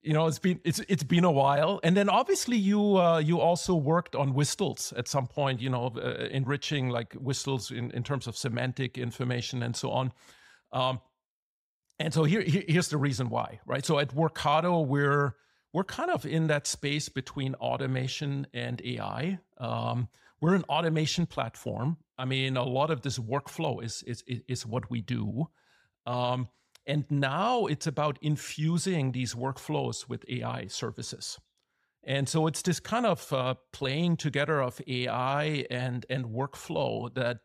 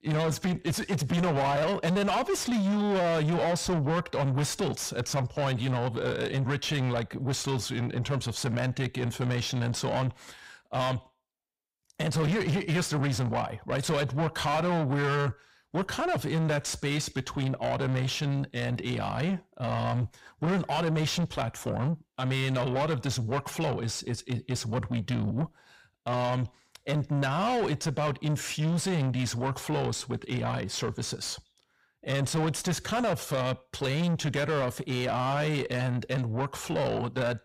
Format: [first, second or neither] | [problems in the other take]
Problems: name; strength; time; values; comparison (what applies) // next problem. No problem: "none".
first | distortion; heavy; 7 dB below the speech